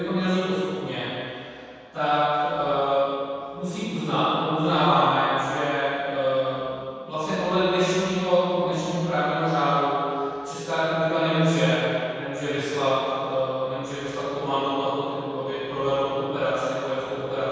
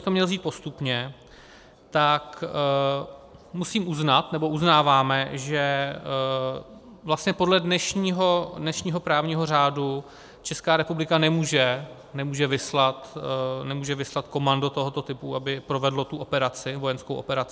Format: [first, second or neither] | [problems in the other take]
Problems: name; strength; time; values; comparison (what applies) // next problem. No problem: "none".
second | room echo; dies away in 2.2 s